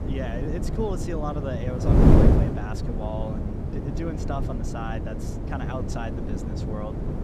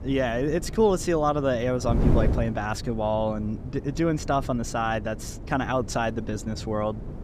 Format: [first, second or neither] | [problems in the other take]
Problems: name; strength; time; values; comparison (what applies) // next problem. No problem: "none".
second | wind noise on the microphone; heavy; 2 dB above the speech; occasional gusts in the second